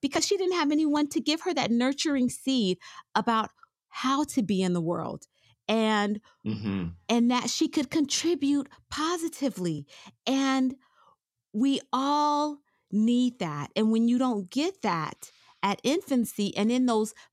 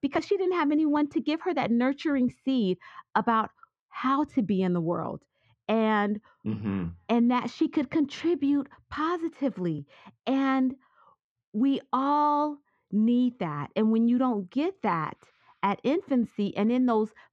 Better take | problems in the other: first | muffled; very; fading above 2 kHz

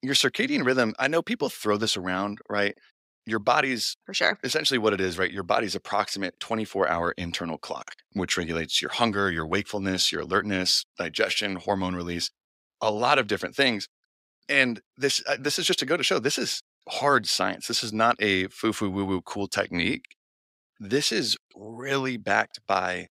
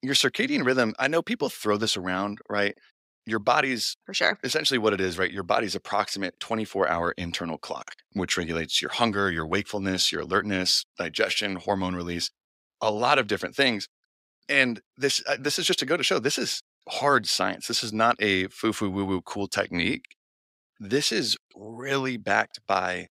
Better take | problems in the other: neither | thin; very slightly; fading below 500 Hz; the same in both

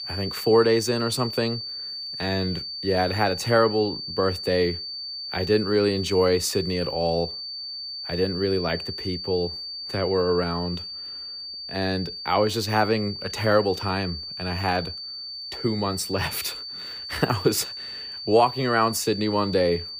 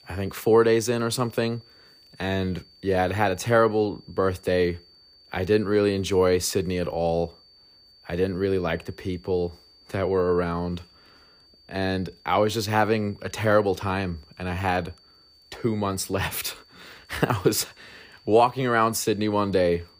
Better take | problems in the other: second | high-pitched whine; loud; throughout; 4.5 kHz, 7 dB below the speech; faint in the second

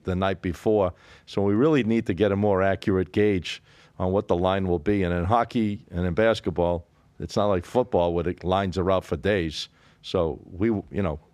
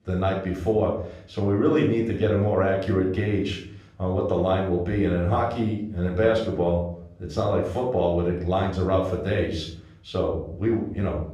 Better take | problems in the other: first | off-mic speech; far // room echo; noticeable; dies away in 0.6 s

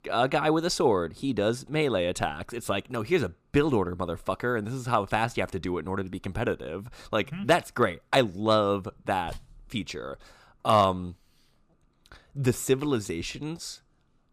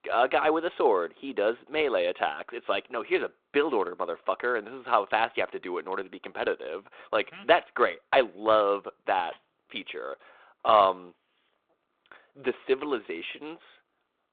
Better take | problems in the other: first | phone-call audio

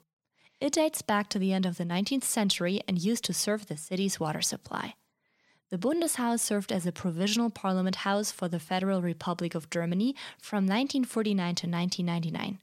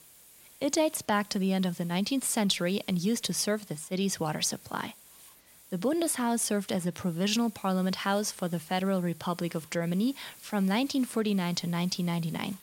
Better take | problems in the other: first | hiss; faint; throughout; 20 dB below the speech

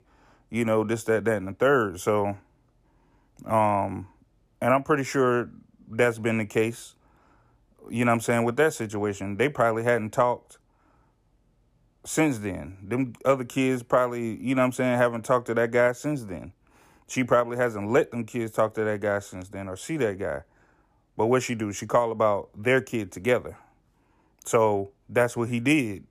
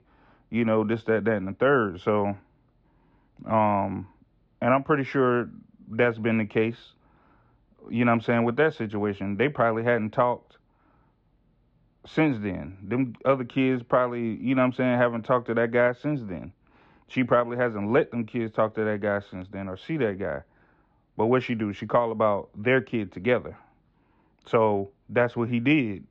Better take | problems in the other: first | muffled; very; fading above 4 kHz

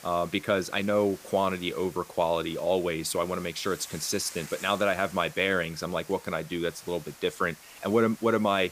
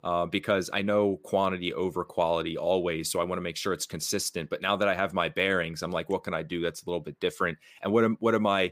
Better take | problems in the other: second | hiss; noticeable; throughout; 20 dB below the speech

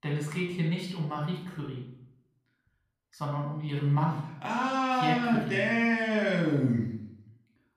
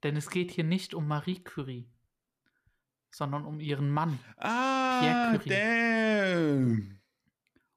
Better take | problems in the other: second | off-mic speech; far // room echo; noticeable; dies away in 0.6 s

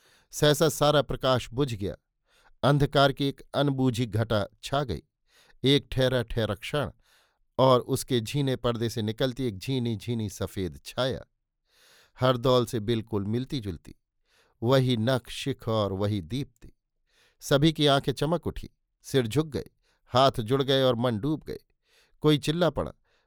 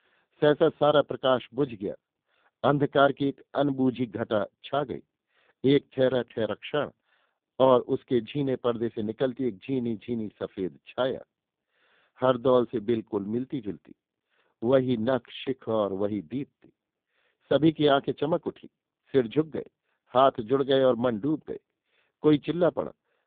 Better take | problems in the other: first | phone-call audio; poor line

